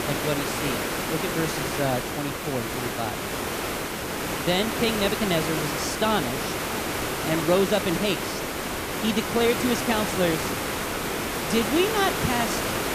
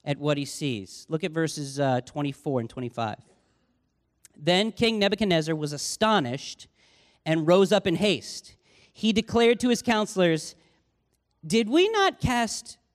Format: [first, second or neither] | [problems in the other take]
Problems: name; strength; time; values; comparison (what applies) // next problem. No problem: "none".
second | hiss; loud; throughout; 1 dB below the speech